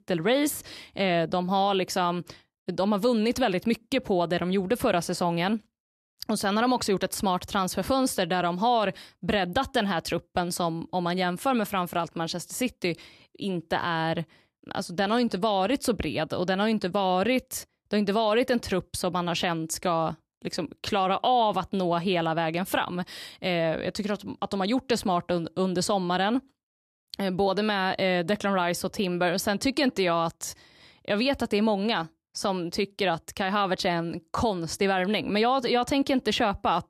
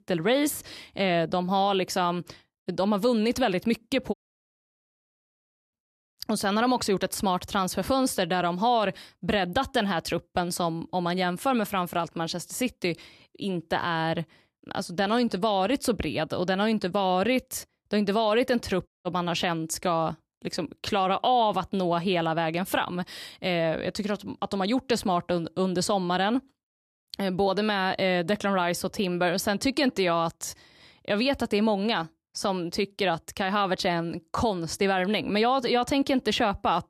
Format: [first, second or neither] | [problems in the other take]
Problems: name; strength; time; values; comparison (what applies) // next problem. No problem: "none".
first | audio cutting out; at 4 s for 1.5 s and at 19 s